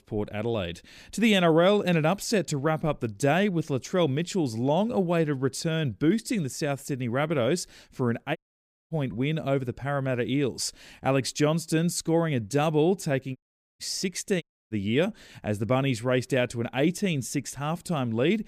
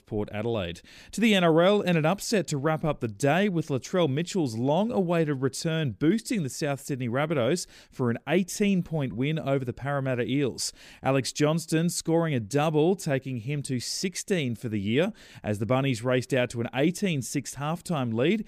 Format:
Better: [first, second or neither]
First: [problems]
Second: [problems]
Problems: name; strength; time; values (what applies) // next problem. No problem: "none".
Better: second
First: audio cutting out; at 8.5 s for 0.5 s, at 13 s and at 14 s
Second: none